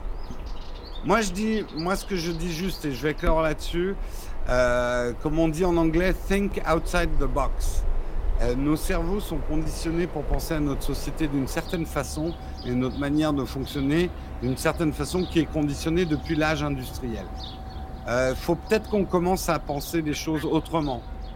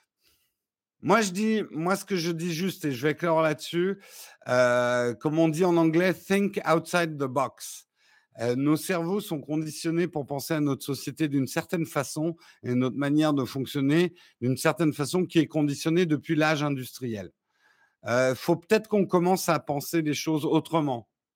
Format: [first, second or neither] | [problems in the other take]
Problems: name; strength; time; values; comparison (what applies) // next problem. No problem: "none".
second | animal sounds; noticeable; throughout; 10 dB below the speech